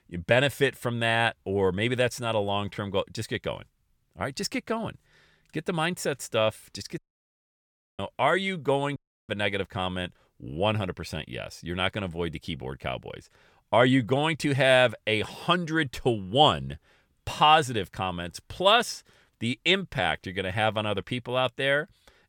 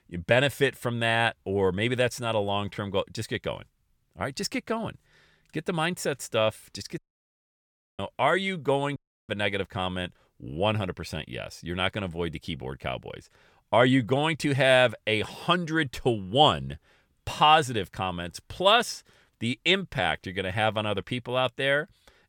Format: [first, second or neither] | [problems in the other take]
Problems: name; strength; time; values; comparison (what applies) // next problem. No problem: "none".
neither | audio cutting out; at 7 s for 1 s and at 9 s; the same in both